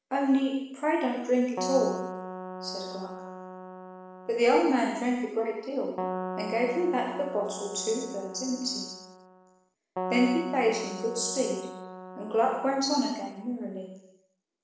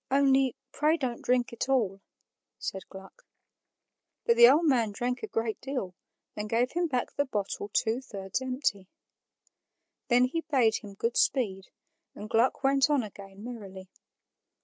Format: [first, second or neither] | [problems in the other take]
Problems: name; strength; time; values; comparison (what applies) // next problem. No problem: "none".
second | background sound (Keyboard (musical)); 9 dB below the speech // room echo; dies away in 0.9 s